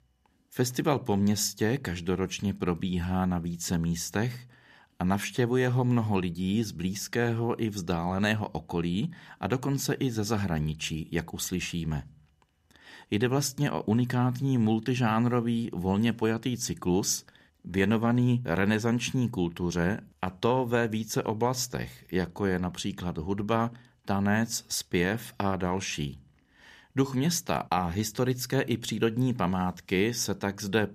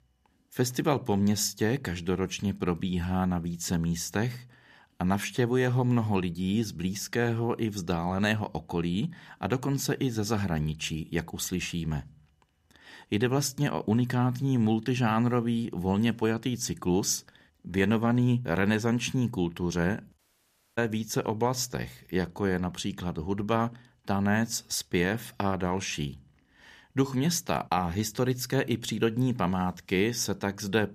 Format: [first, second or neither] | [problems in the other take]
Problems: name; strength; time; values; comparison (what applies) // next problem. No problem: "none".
first | audio cutting out; at 20 s for 0.5 s